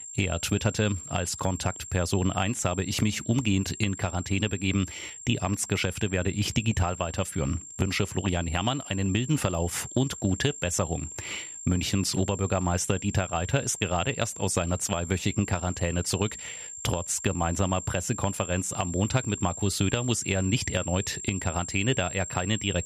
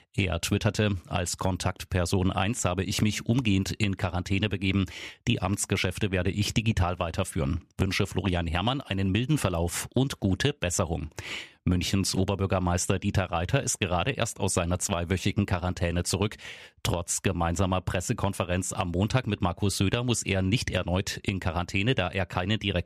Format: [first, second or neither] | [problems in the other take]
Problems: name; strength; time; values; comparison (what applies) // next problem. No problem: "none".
second | high-pitched whine; loud; throughout; 7.5 kHz, 10 dB below the speech